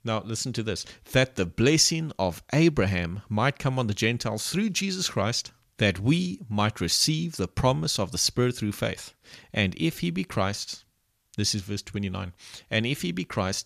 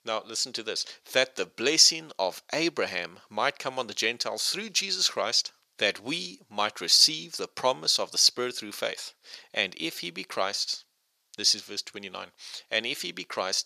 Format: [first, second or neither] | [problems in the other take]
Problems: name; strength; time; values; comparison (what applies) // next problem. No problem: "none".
first | thin; very; fading below 550 Hz